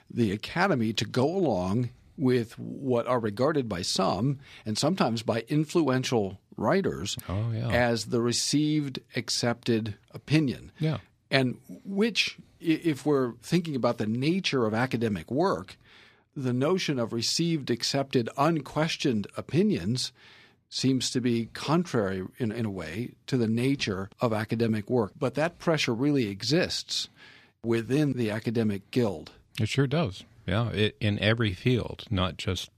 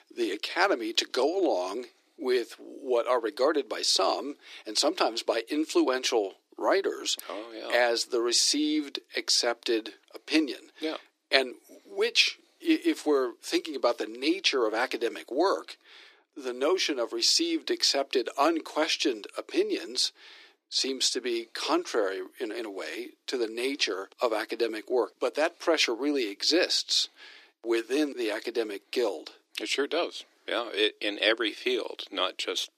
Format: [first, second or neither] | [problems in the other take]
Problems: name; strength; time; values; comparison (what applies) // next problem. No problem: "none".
first | thin; very; fading below 300 Hz